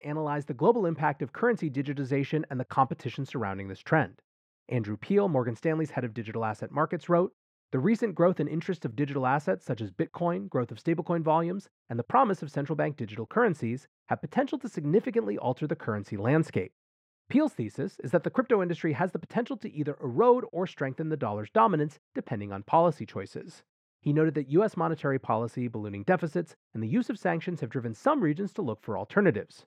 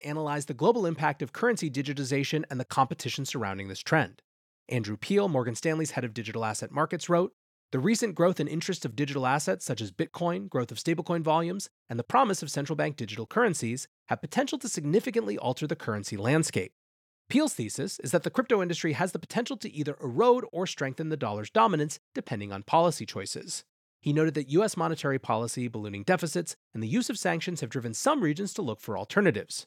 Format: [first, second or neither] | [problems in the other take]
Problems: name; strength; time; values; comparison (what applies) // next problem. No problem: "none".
second | muffled; very; fading above 3.5 kHz